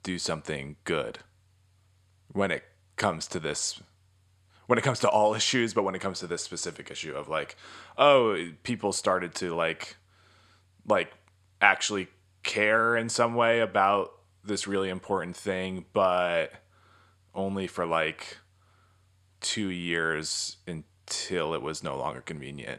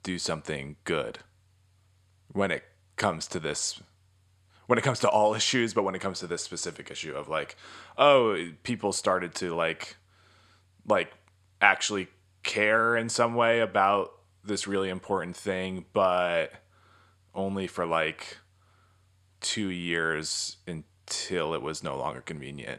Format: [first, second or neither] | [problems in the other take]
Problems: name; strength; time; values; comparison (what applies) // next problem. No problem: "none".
neither | none